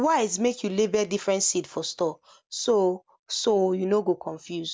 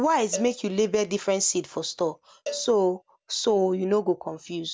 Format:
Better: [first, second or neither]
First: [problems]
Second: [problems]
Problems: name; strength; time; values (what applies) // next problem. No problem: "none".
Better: first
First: none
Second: background sound (Cowbell); 17 dB below the speech